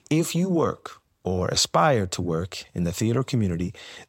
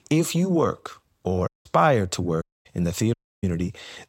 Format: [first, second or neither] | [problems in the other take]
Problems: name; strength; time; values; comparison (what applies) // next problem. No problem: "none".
first | audio cutting out; at 1.5 s, at 2.5 s and at 3 s